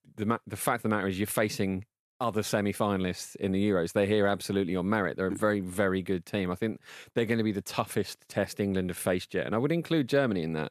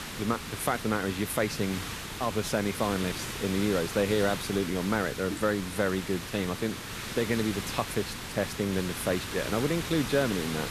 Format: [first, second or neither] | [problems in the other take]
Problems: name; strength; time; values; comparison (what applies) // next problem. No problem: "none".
first | hiss; loud; throughout; 6 dB below the speech